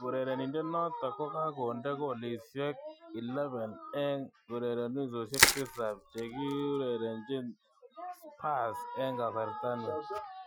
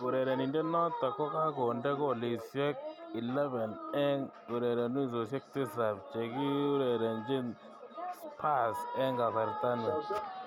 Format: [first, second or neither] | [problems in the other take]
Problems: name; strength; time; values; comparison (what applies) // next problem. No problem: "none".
second | noise reduction (classical method Wiener filter)